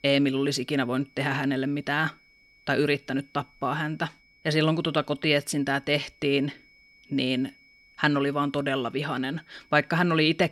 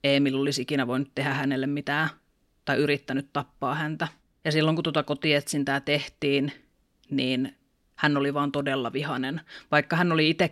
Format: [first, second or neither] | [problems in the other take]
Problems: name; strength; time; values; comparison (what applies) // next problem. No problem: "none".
second | high-pitched whine; faint; throughout; 2 kHz, 30 dB below the speech